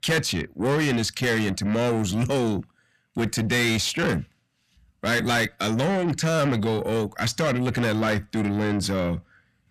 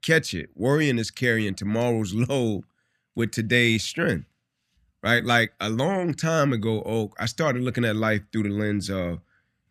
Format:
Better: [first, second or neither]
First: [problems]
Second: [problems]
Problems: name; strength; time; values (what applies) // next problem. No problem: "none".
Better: second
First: distortion; heavy; 7 dB below the speech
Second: none